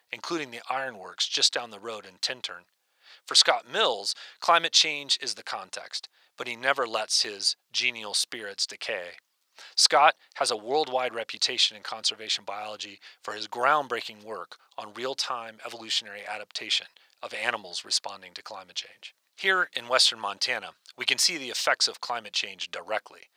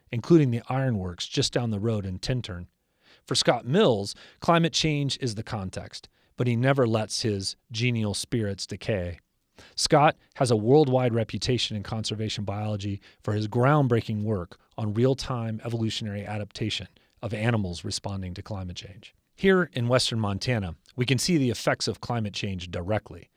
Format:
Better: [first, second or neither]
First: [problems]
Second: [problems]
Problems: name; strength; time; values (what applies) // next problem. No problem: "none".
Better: second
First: thin; very; fading below 950 Hz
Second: none